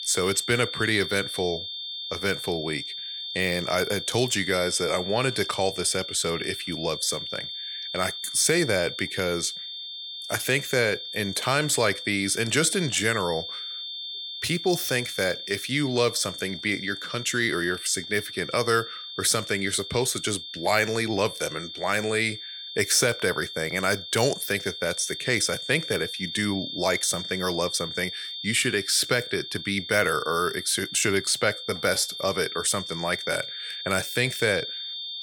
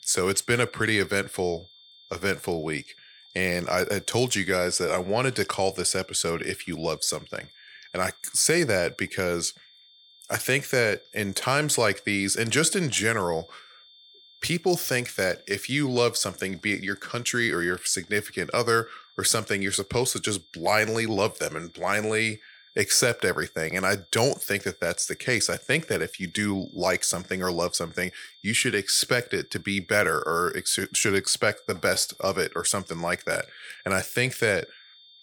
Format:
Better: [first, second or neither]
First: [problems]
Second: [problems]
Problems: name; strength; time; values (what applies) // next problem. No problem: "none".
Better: second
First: high-pitched whine; loud; throughout; 3.5 kHz, 8 dB below the speech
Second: high-pitched whine; faint; throughout; 3.5 kHz, 25 dB below the speech